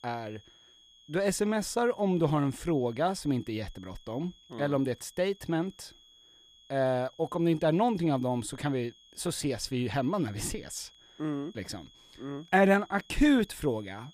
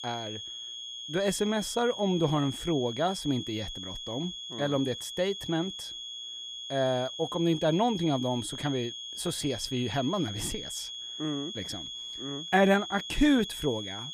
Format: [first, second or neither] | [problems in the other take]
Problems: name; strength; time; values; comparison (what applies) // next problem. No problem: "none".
first | high-pitched whine; loud; throughout; 3.5 kHz, 8 dB below the speech; faint in the first